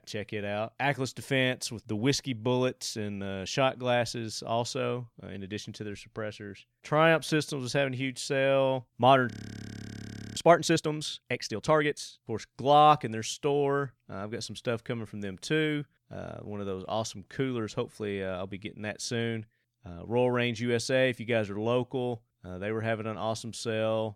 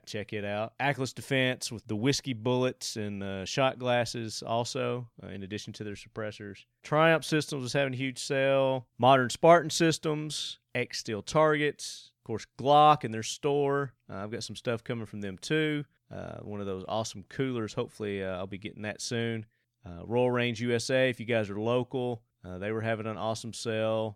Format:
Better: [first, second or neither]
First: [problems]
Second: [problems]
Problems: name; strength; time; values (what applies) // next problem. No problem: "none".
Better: second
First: audio freezing; at 9.5 s for 1 s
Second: none